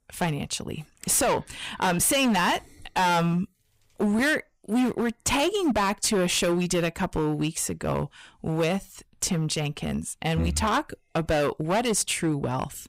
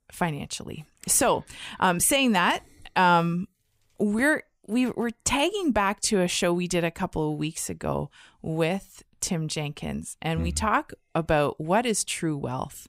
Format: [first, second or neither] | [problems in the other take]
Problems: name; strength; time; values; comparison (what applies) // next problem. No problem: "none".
second | distortion; heavy; 12% of the sound clipped